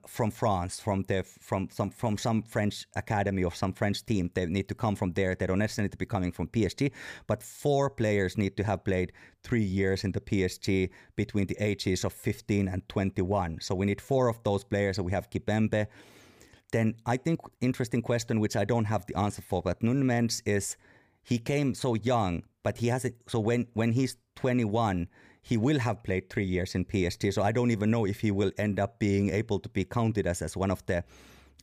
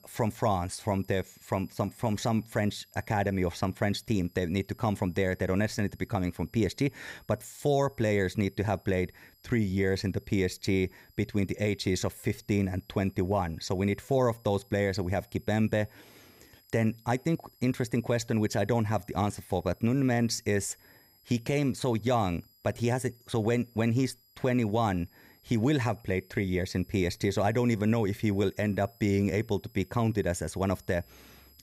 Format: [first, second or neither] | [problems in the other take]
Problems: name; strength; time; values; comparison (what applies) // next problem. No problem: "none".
first | high-pitched whine; faint; throughout; 11.5 kHz, 30 dB below the speech